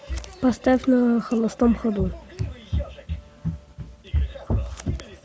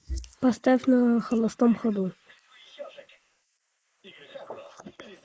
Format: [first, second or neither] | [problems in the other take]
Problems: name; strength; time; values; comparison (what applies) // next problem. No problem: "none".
first | noise reduction (neural mask model Resemble Enhance denoiser)